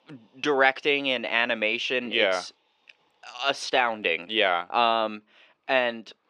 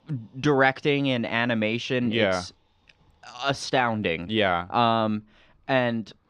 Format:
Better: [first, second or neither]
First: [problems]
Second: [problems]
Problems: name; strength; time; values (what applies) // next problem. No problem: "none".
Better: second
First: thin; somewhat; fading below 450 Hz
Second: none